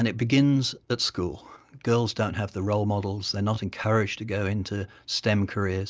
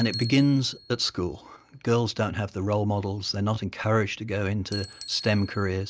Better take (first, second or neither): first